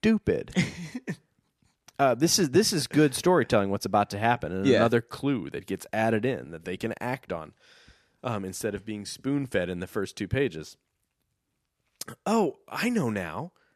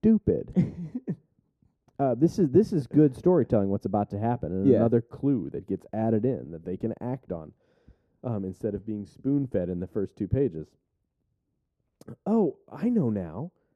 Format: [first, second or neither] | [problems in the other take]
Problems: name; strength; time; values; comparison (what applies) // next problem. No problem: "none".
first | muffled; very; fading above 1 kHz